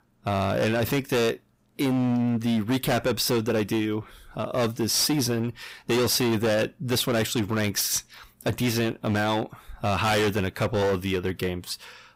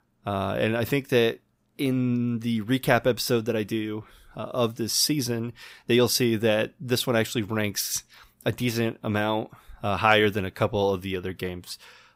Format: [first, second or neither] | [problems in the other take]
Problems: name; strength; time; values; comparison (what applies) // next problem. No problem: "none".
second | distortion; heavy; 18% of the sound clipped